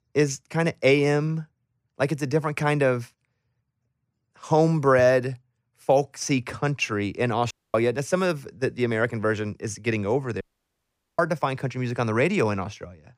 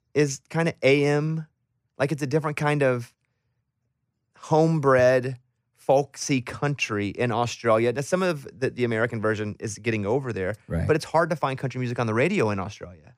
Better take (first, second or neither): second